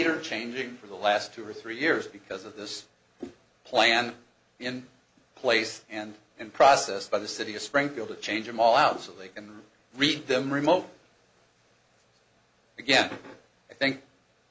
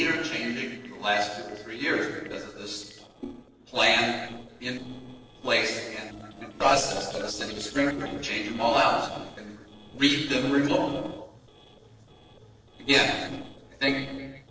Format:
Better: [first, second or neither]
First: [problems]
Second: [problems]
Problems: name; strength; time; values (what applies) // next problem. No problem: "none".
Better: first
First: none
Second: noise reduction (neural separator model SepFormer DNS4)